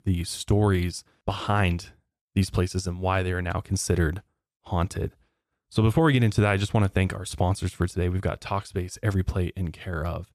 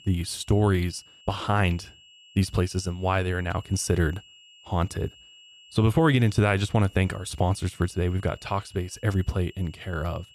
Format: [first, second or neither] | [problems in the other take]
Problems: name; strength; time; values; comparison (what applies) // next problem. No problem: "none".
first | high-pitched whine; faint; throughout; 3 kHz, 25 dB below the speech